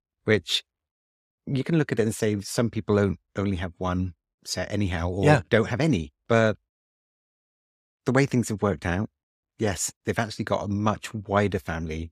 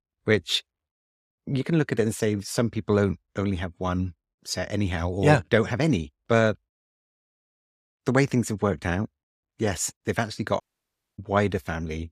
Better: first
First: none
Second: audio cutting out; at 11 s for 0.5 s

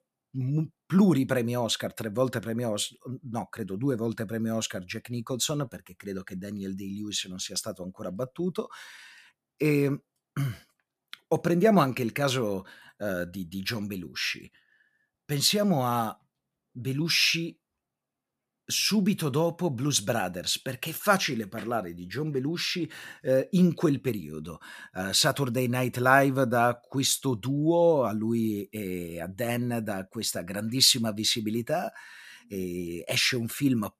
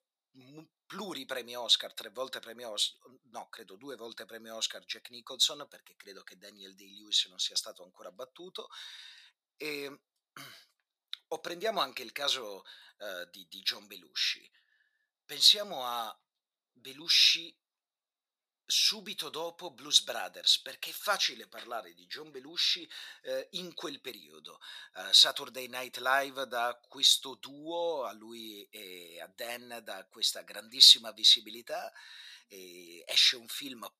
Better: first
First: none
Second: thin; very; fading below 600 Hz

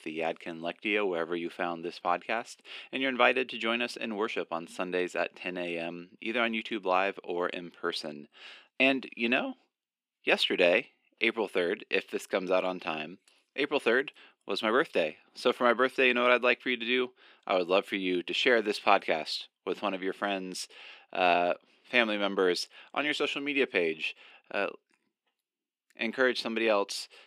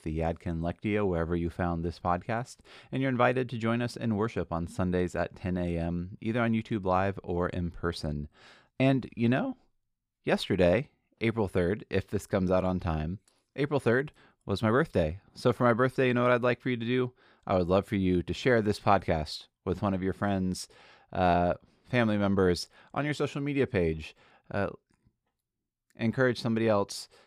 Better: second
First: thin; somewhat; fading below 250 Hz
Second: none

